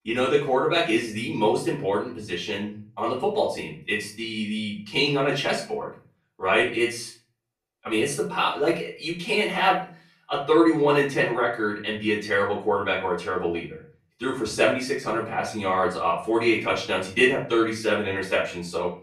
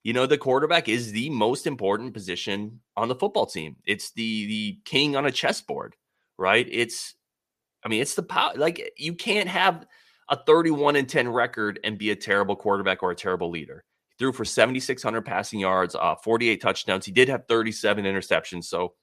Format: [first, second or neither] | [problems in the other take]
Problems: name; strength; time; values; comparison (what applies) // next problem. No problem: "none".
second | off-mic speech; far // room echo; slight; dies away in 0.4 s